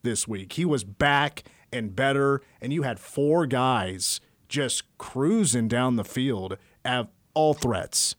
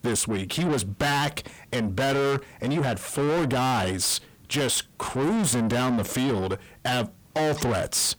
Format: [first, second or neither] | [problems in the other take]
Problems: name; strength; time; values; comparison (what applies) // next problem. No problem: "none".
first | distortion; heavy; 6 dB below the speech